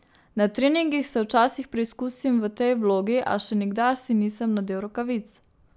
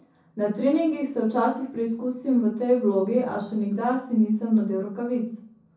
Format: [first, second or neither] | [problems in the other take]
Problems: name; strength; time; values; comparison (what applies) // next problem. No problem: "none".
first | room echo; dies away in 0.6 s